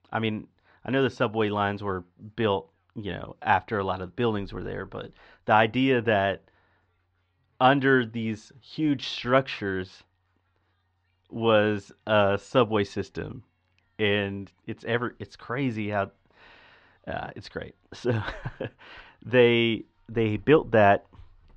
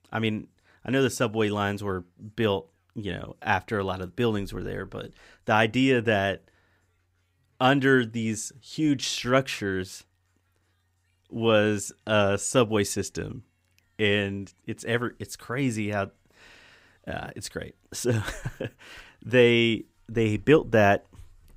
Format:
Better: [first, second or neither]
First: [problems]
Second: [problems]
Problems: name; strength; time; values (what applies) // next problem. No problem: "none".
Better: second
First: muffled; slightly; fading above 4 kHz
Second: none